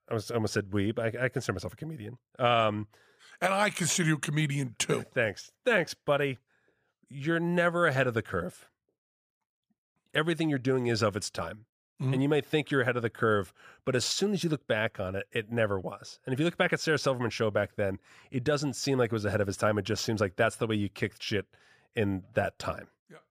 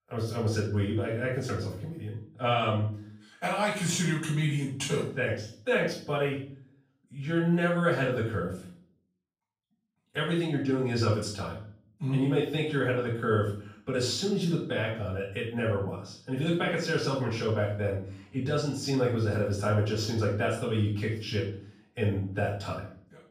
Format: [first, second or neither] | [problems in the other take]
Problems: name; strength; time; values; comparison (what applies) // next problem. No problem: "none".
first | off-mic speech; far // room echo; noticeable; dies away in 0.5 s